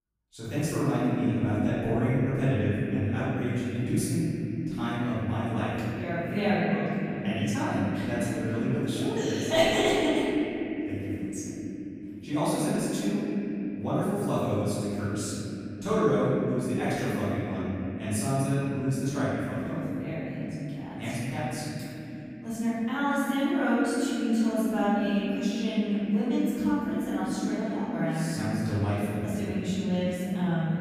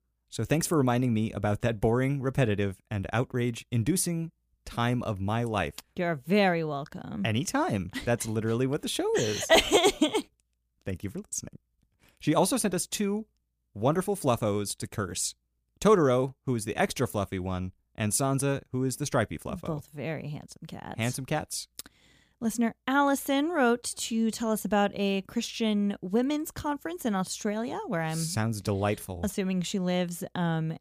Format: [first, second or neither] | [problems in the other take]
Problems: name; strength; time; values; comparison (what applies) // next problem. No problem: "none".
second | room echo; strong; dies away in 3 s // off-mic speech; far